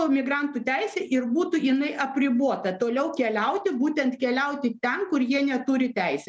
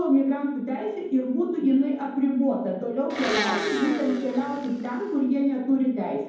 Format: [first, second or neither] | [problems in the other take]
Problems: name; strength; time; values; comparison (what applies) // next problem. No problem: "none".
first | background sound (Domestic sounds, home sounds); 8 dB below the speech // room echo; dies away in 1.2 s